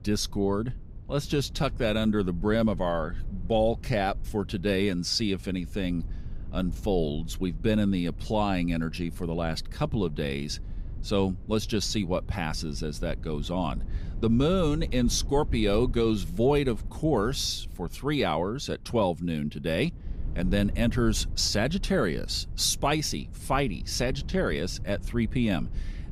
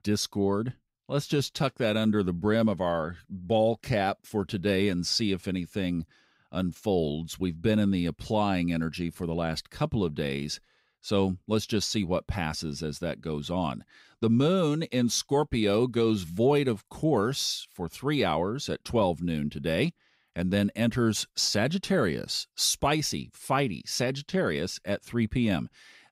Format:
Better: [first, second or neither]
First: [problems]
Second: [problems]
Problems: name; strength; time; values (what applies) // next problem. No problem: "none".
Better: second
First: low rumble; faint; throughout; 25 dB below the speech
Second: none